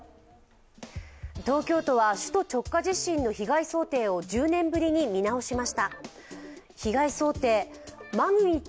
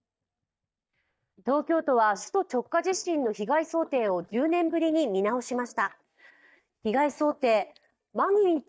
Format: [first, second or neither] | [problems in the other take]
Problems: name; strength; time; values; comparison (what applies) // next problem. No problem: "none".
first | noise reduction (neural mask model DeepFilterNet 3)